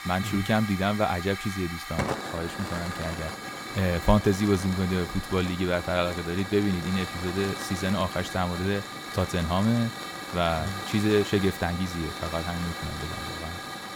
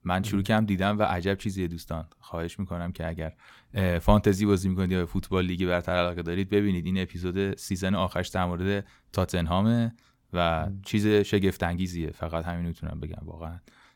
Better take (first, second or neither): second